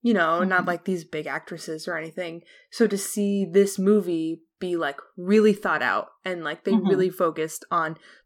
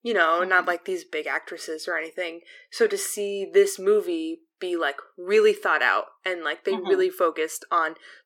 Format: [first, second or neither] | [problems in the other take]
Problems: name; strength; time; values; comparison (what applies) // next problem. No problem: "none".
first | thin; very; fading below 350 Hz